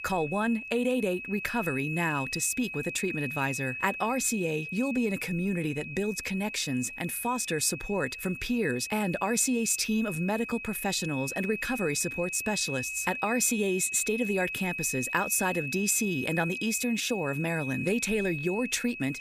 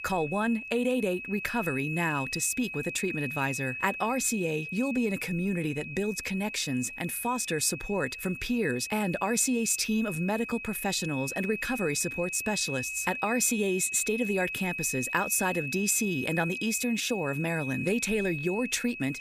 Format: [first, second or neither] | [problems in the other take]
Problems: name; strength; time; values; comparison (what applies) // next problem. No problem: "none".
neither | high-pitched whine; loud; throughout; 2.5 kHz, 6 dB below the speech; the same in both